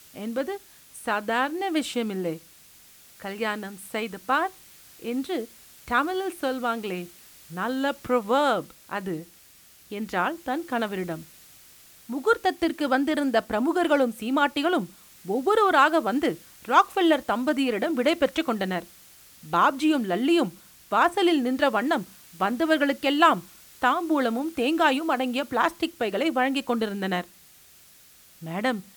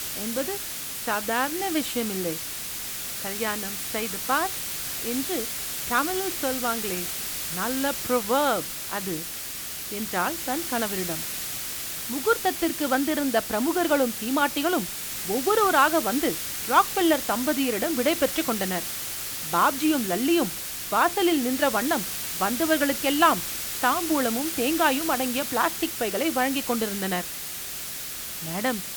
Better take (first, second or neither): first